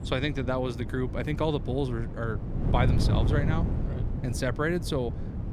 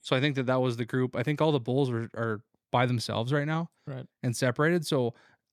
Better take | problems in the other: second | wind noise on the microphone; heavy; 9 dB below the speech

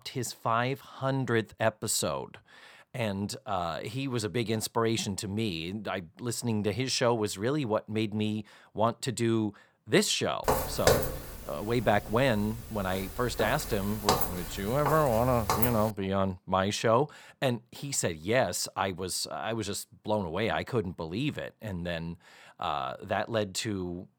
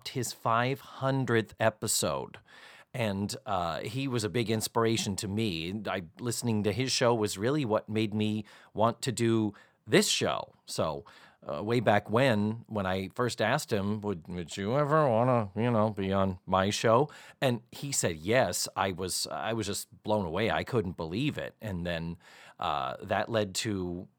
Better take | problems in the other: second | footsteps; loud; from 10 to 16 s; peak 5 dB above the speech

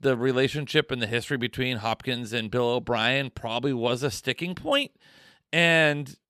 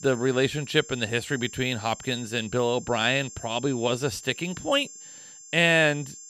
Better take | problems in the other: first | high-pitched whine; noticeable; throughout; 7.5 kHz, 15 dB below the speech

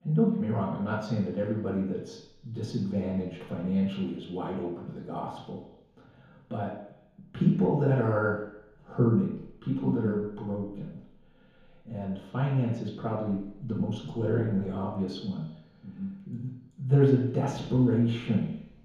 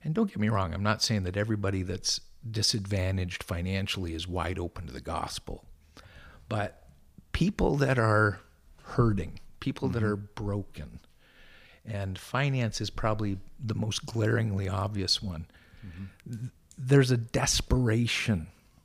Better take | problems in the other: second | room echo; noticeable; dies away in 0.9 s // off-mic speech; far

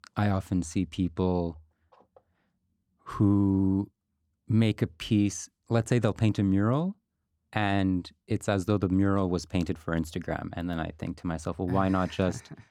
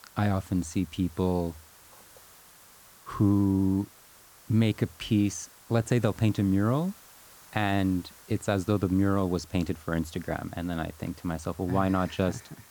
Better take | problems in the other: first | hiss; faint; throughout; 25 dB below the speech

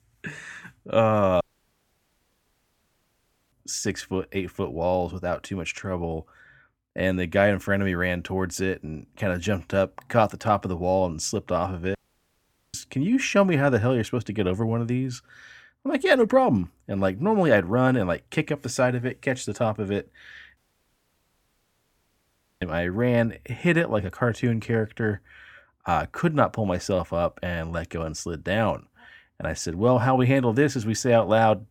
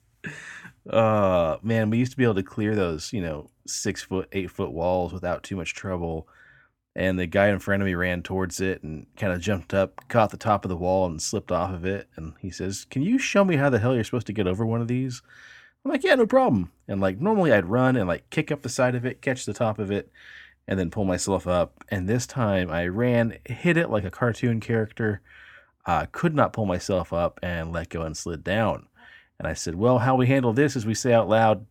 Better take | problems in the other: second | audio cutting out; at 1.5 s for 2 s, at 12 s for 1 s and at 21 s for 2 s

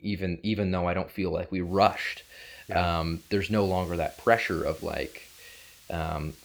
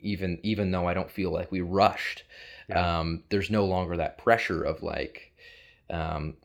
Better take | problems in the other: second | hiss; faint; from 1.5 s on; 20 dB below the speech

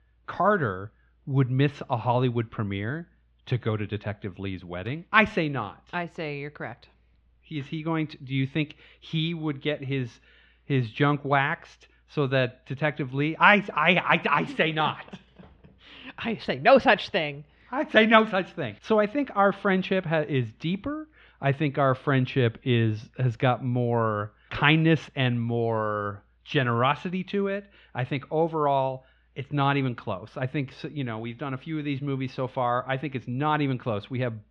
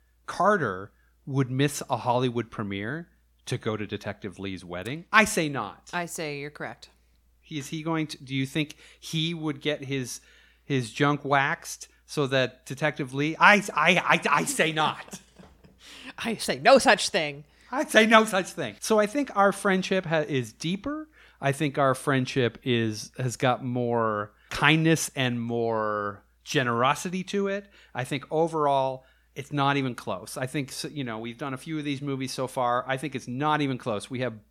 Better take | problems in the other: second | muffled; slightly; fading above 3 kHz

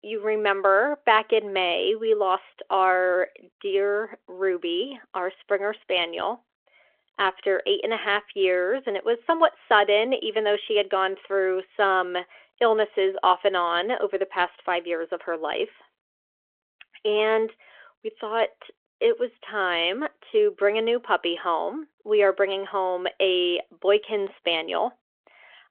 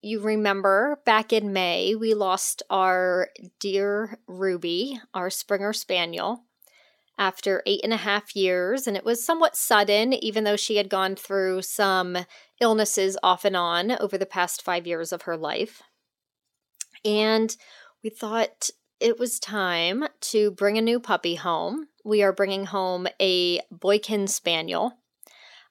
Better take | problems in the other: second | phone-call audio

